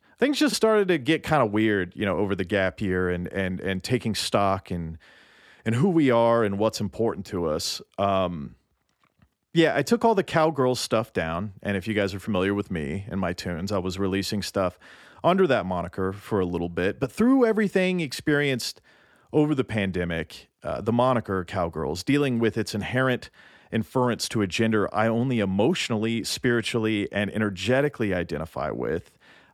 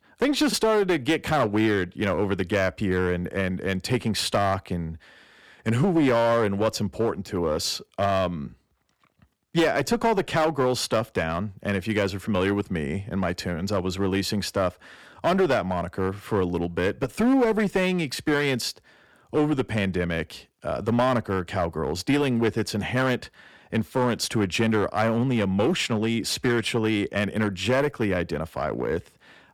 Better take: first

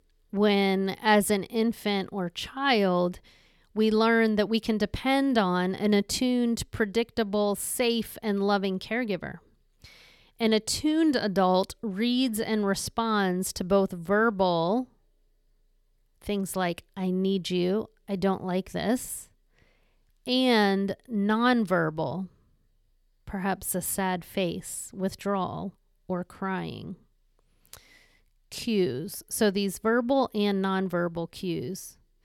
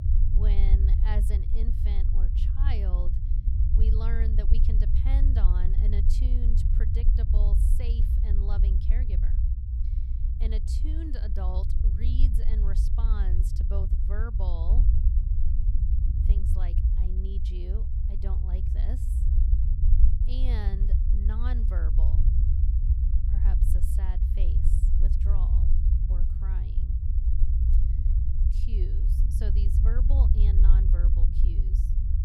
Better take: first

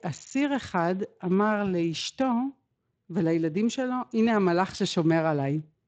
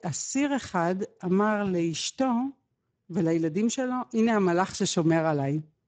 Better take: first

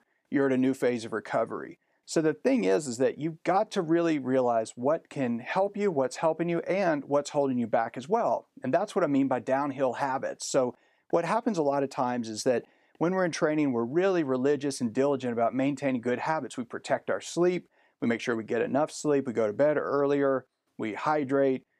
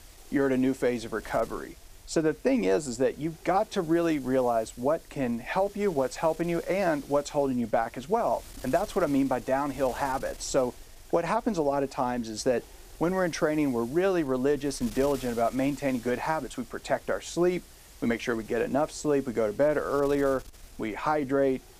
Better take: first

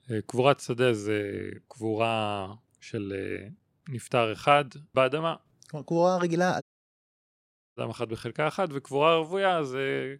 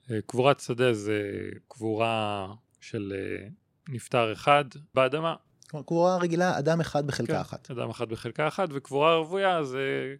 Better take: second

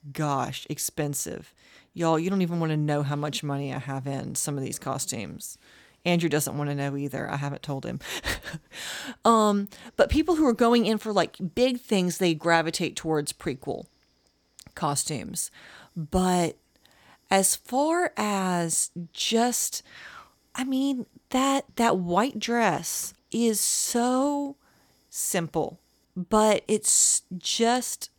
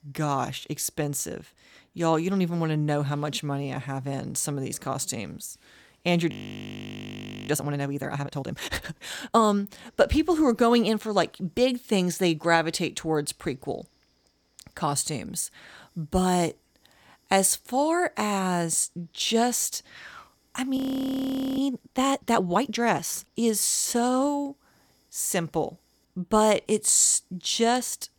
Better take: first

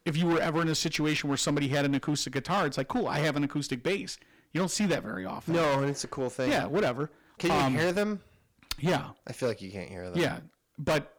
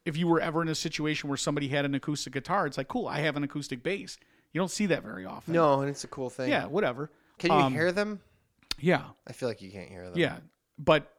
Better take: second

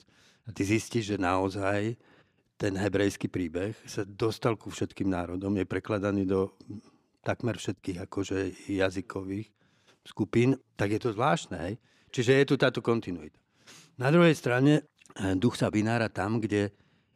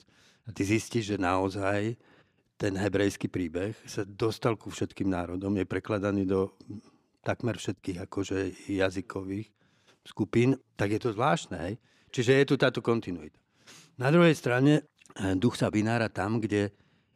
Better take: neither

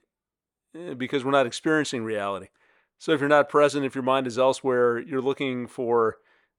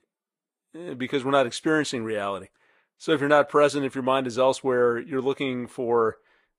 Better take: first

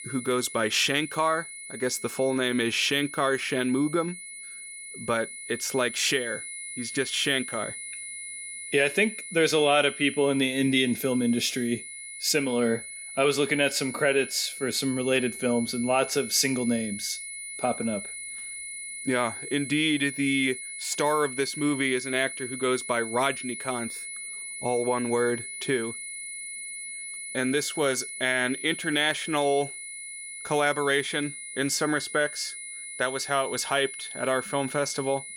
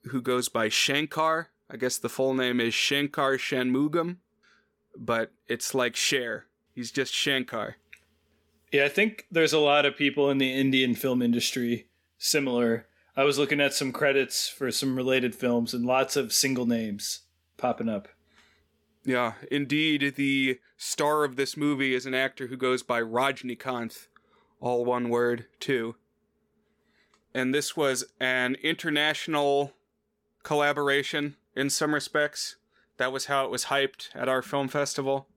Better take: second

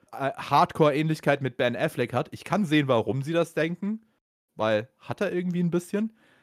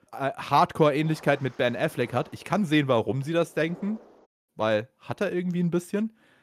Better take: first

